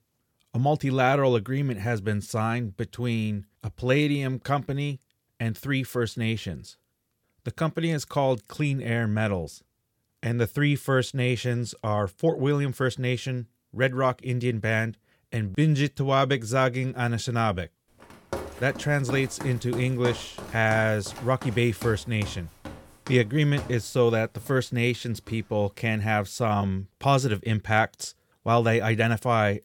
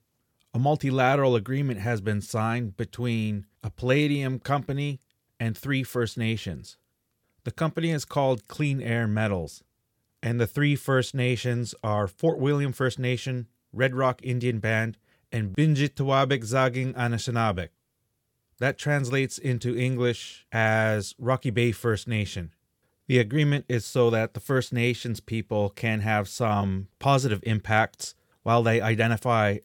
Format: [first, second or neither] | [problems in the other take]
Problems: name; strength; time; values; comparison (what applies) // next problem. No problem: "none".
second | footsteps; noticeable; from 18 to 25 s; peak 10 dB below the speech